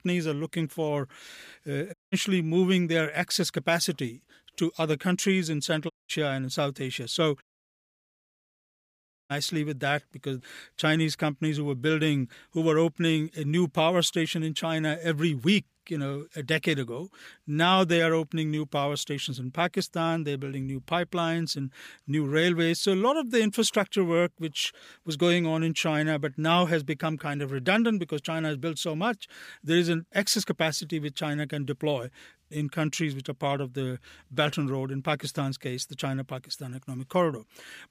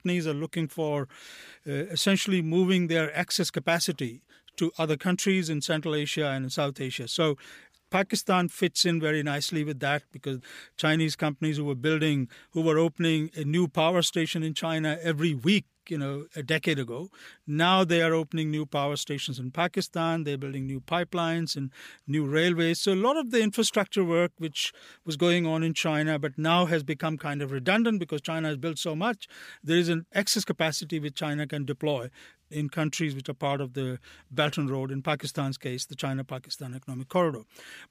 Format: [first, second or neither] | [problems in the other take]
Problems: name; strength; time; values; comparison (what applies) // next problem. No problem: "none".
second | audio cutting out; at 2 s, at 6 s and at 7.5 s for 2 s